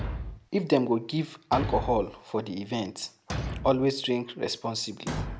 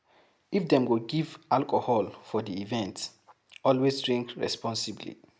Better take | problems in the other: second | background sound (Thump, thud); 8 dB below the speech

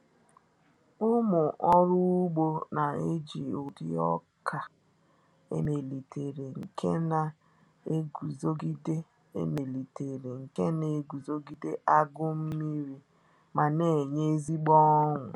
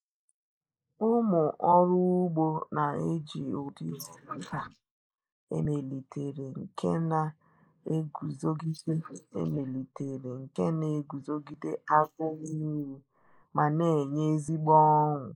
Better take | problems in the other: first | noise reduction (neural mask model Resemble Enhance denoiser)

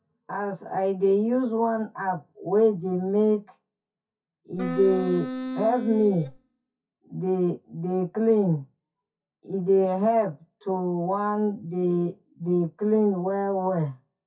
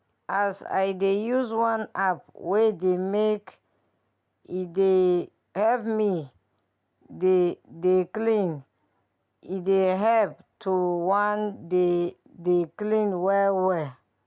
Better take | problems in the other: second | noise reduction (classical method WPE with log-MMSE)

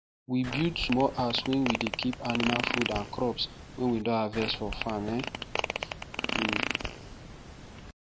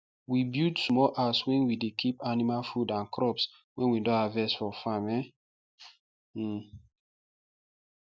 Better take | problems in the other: second | background sound (Fart); 4 dB below the speech

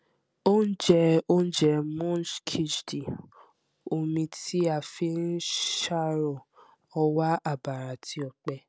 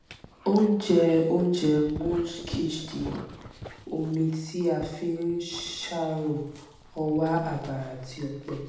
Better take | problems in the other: first | background sound (Dog); 17 dB below the speech // room echo; dies away in 0.8 s

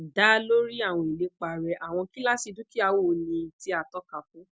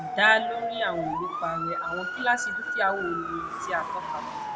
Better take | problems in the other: first | background sound (Motor vehicle (road) / Siren); 3 dB below the speech // room echo; dies away in 0.4 s

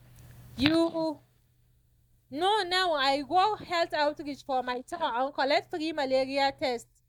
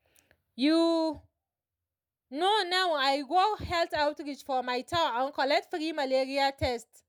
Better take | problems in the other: second | noise reduction (neural mask model DeepFilterNet 3)

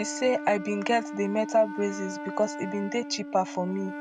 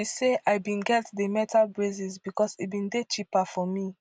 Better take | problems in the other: second | background sound (Wind instrument, woodwind instrument); 9 dB below the speech

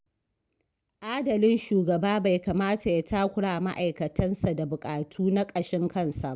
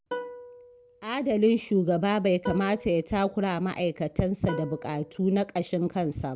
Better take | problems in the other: first | background sound (Plucked string instrument); 14 dB below the speech

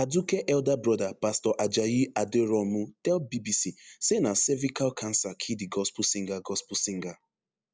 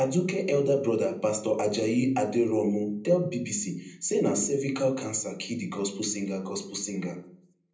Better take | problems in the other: first | room echo; dies away in 0.6 s

